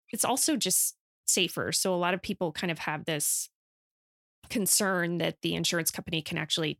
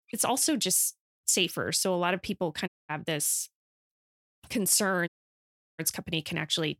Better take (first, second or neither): first